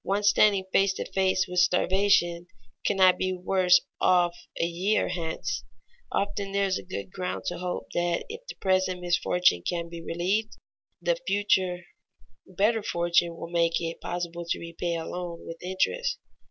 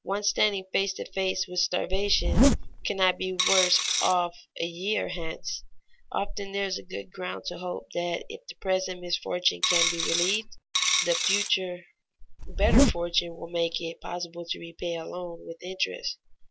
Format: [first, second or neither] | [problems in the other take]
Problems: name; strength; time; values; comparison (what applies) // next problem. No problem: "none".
first | background sound (Zipper (clothing) + Coin (dropping)); 4 dB above the speech